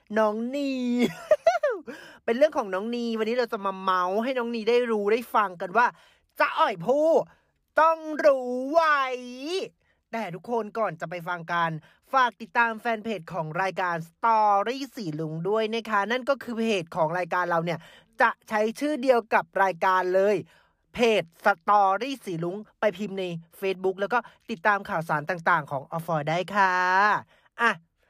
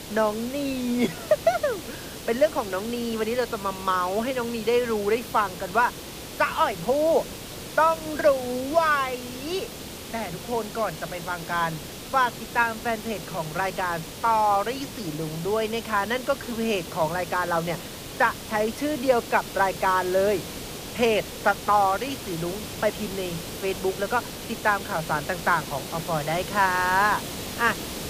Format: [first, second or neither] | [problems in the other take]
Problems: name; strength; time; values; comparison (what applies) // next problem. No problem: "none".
first | hiss; noticeable; throughout; 10 dB below the speech